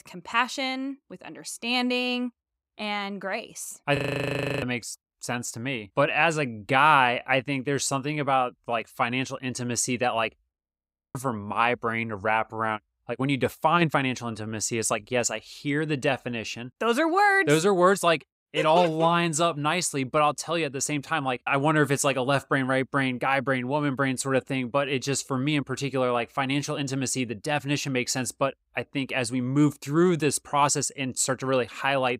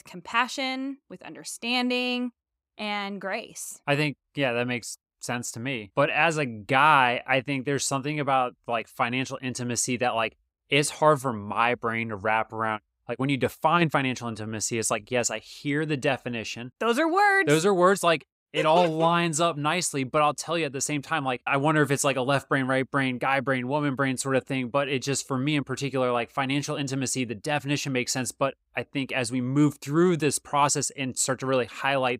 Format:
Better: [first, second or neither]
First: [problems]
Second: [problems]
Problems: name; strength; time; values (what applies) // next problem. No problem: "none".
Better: second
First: audio freezing; at 4 s for 0.5 s and at 11 s for 0.5 s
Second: none